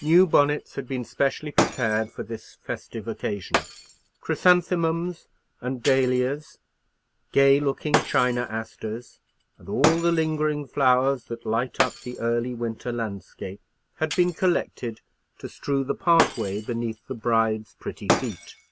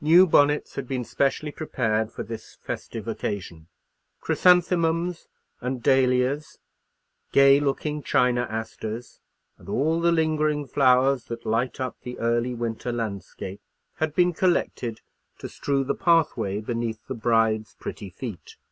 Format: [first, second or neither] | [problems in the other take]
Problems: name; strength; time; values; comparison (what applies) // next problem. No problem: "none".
second | background sound (Shatter); 8 dB below the speech